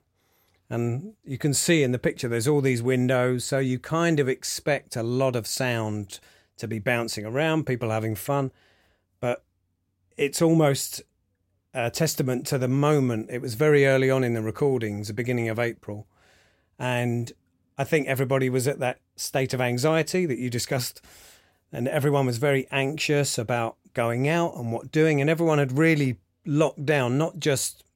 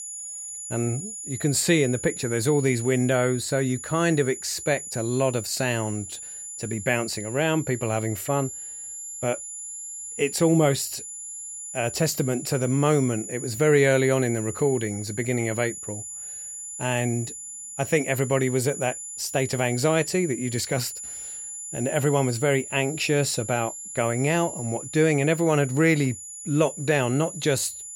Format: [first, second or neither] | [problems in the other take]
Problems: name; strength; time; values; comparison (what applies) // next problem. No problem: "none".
first | high-pitched whine; loud; throughout; 7 kHz, 10 dB below the speech